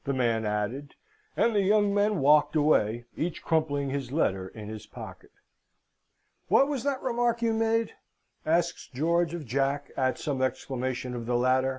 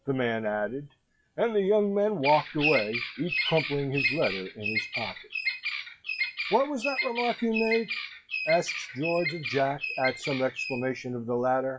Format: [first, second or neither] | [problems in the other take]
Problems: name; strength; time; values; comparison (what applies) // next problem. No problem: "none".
first | noise reduction (classical method WPE with log-MMSE)